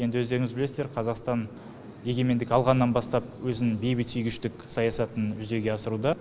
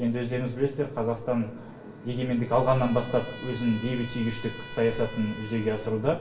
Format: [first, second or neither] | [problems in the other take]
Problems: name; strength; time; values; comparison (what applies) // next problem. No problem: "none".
first | background sound (Trumpet); 19 dB below the speech // room echo; dies away in 0.7 s